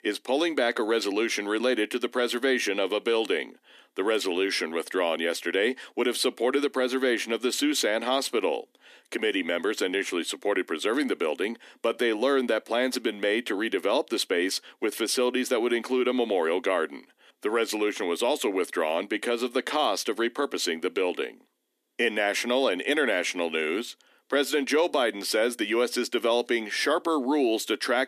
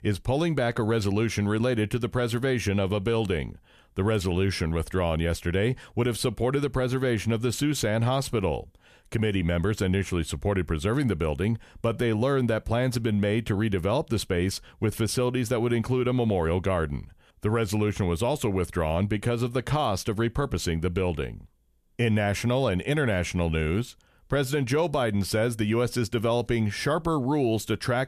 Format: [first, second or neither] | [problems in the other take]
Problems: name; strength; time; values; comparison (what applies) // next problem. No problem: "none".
second | thin; somewhat; fading below 250 Hz